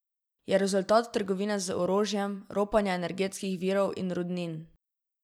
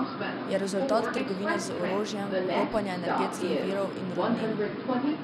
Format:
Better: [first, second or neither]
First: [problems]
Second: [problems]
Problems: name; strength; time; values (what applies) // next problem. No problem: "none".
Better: first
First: none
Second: background sound (Subway, metro, underground); 2 dB above the speech